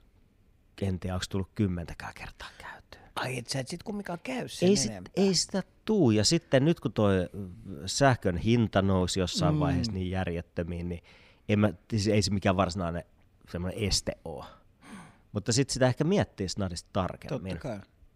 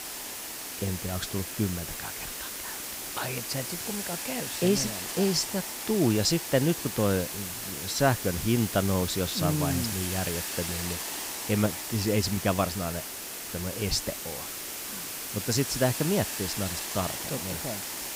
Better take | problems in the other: first | hiss; loud; throughout; 4 dB below the speech

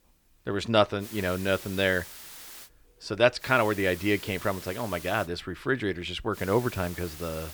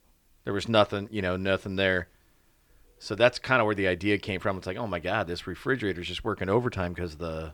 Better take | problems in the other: second | hiss; noticeable; from 1 to 2.5 s, from 3.5 to 5.5 s and from 6.5 s on; 15 dB below the speech

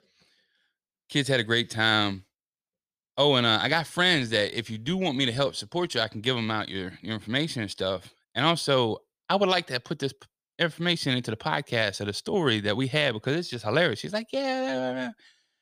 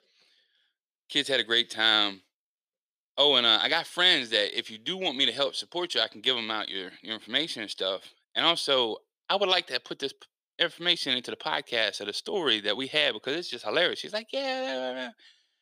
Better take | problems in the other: first | thin; somewhat; fading below 350 Hz

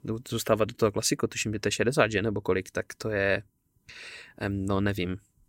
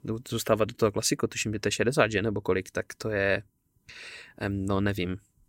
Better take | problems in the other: neither | none

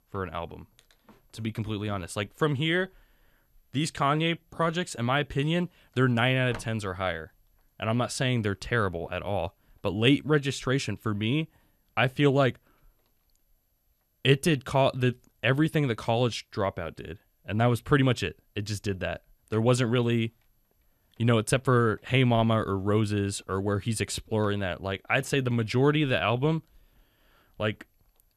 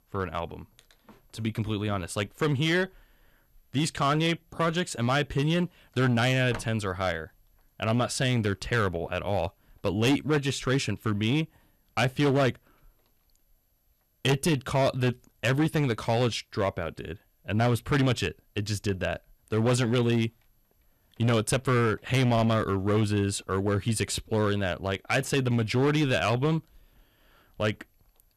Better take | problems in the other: first | distortion; slight; 6% of the sound clipped

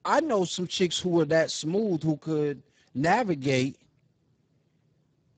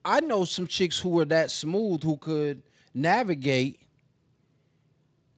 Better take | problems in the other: second | garbled, watery; badly; nothing above 8 kHz; slightly in the second

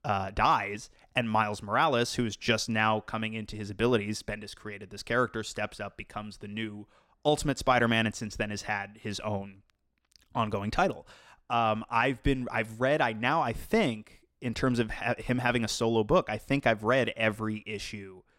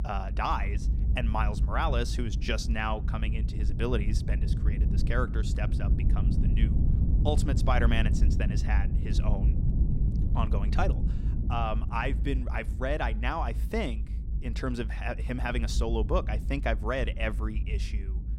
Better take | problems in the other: first | low rumble; noticeable; throughout; 10 dB below the speech

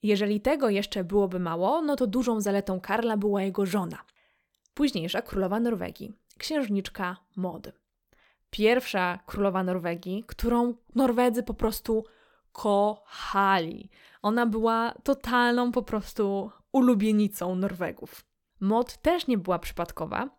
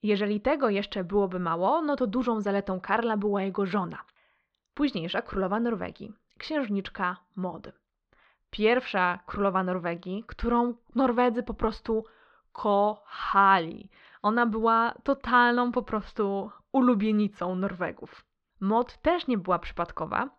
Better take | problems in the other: first | muffled; slightly; fading above 4 kHz

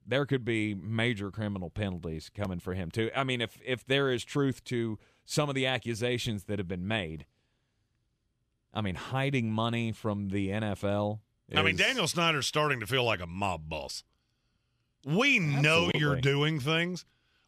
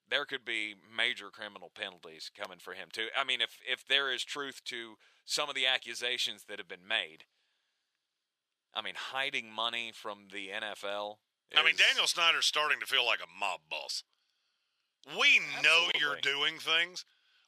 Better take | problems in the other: first | thin; very; fading below 700 Hz

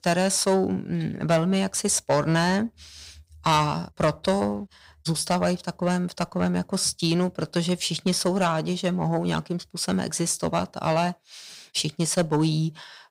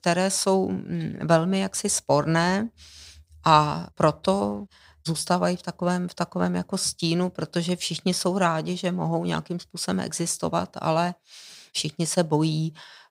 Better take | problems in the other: second | distortion; slight; 10 dB below the speech

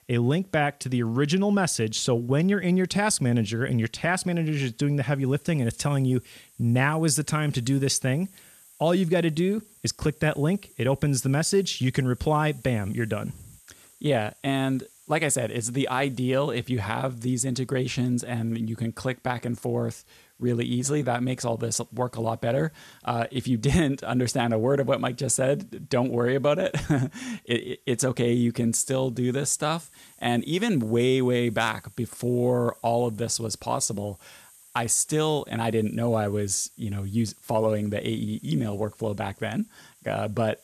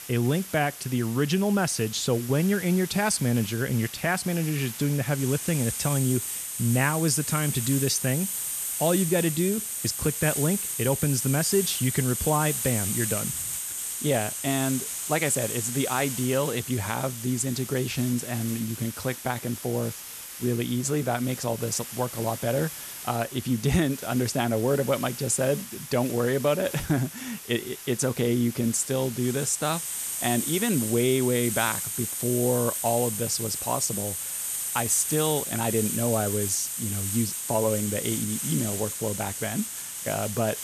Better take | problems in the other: first | hiss; loud; throughout; 4 dB below the speech; faint in the first

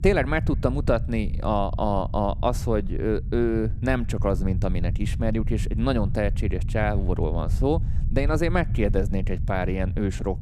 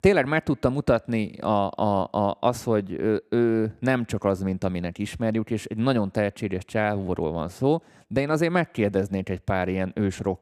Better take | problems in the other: second | low rumble; noticeable; throughout; 15 dB below the speech

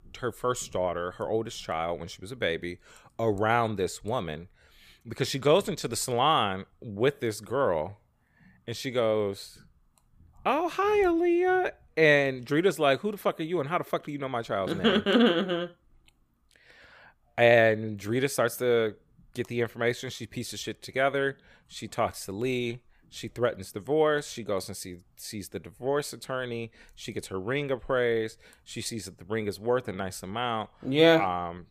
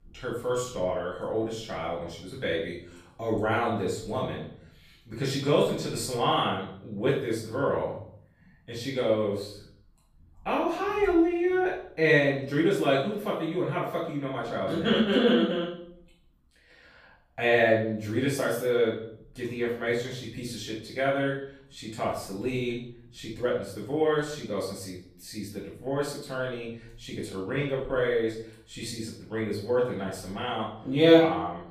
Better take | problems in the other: first | off-mic speech; far // room echo; noticeable; dies away in 0.6 s

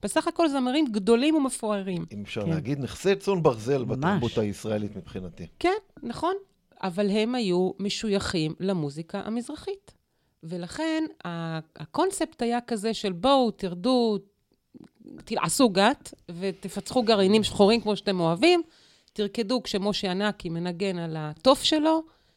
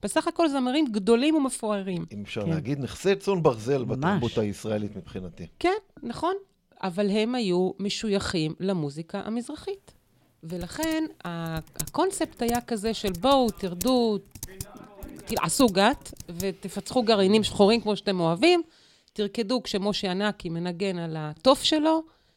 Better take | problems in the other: first | keyboard typing; noticeable; from 11 to 16 s; peak 9 dB below the speech

